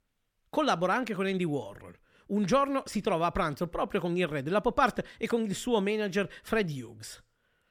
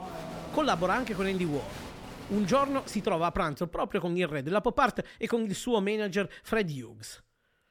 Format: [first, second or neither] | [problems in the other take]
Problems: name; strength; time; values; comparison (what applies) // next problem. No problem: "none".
first | crowd noise; noticeable; until 3 s; 15 dB below the speech